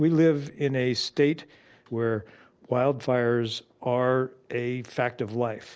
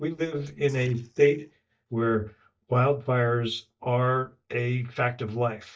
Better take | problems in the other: first | noise reduction (neural mask model DeepFilterNet 3)

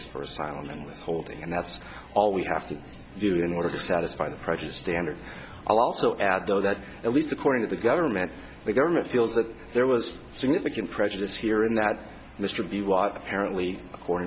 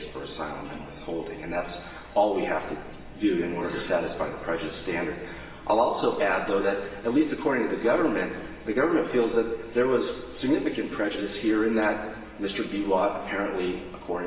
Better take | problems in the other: first | room echo; dies away in 1.3 s

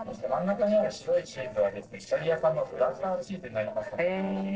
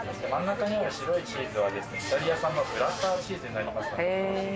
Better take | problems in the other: second | noise reduction (neural separator model SepFormer DNS4)

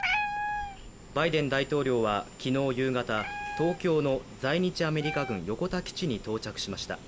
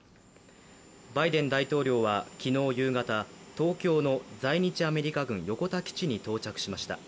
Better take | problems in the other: second | background sound (Meow); 8 dB below the speech

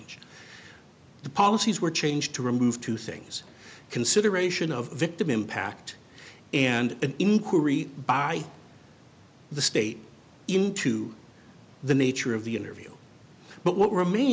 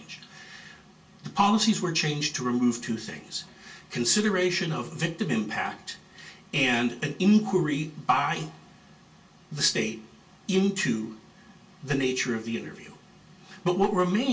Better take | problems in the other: first | room echo; dies away in 0.2 s

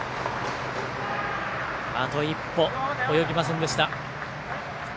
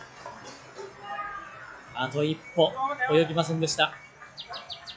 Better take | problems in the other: first | noise reduction (classical method log-MMSE)

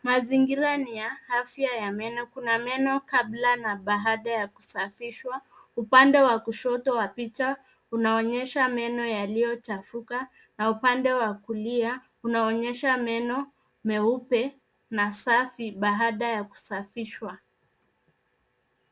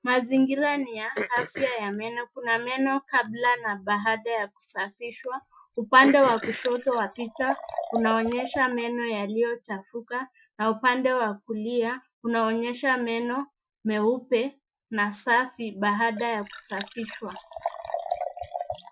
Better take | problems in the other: first | noise reduction (classical method Wiener filter)

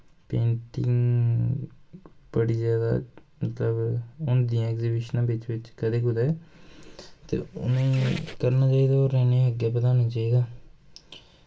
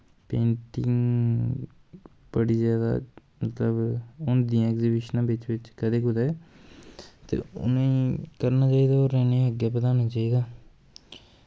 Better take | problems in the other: second | background sound (Squeak); 15 dB below the speech // room echo; dies away in 0.2 s

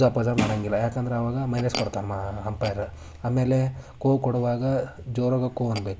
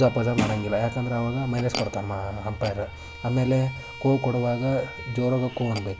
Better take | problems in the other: first | background sound (Bowed string instrument); 16 dB below the speech

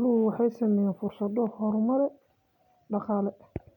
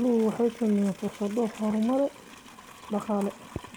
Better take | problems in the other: first | background sound (Livestock, farm animals, working animals); 19 dB below the speech

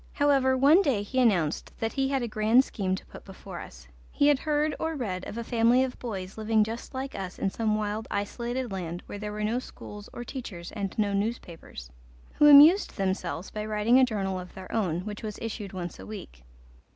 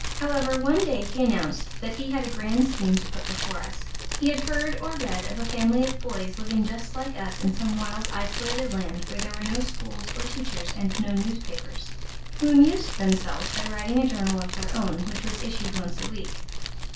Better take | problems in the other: first | background sound (Fire); 2 dB below the speech // room echo; dies away in 0.3 s

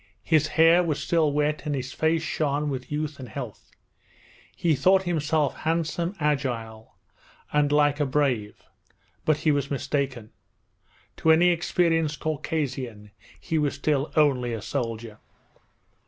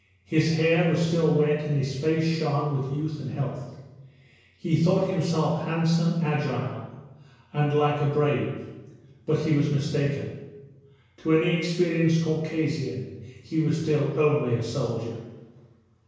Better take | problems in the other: first | room echo; dies away in 1 s

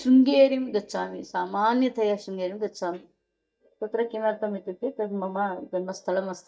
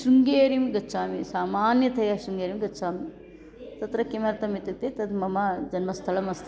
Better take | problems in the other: second | noise reduction (neural mask model DeepFilterNet 3)

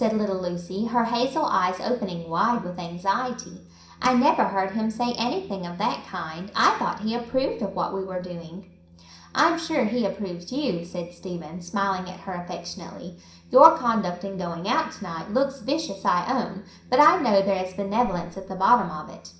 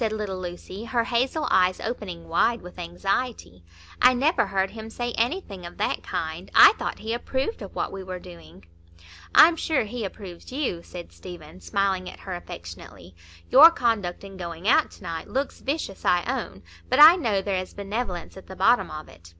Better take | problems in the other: second | room echo; dies away in 0.5 s

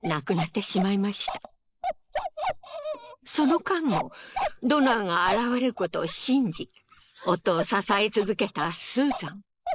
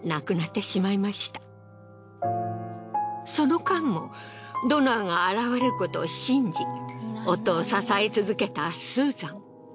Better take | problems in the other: second | noise reduction (neural mask model Resemble Enhance denoiser)

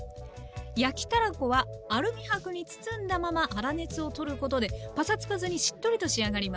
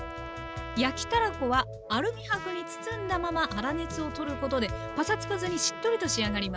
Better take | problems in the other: first | background sound (Trumpet); 11 dB below the speech

